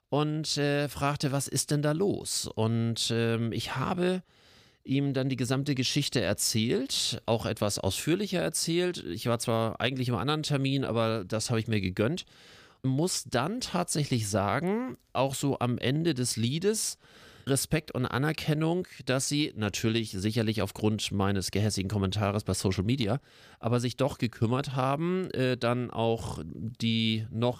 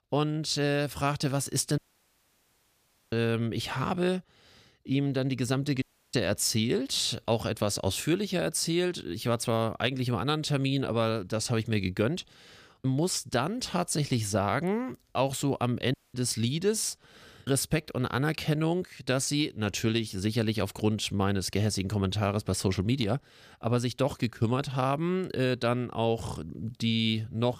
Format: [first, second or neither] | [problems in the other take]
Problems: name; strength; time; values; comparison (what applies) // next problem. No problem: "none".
first | audio cutting out; at 2 s for 1.5 s, at 6 s and at 16 s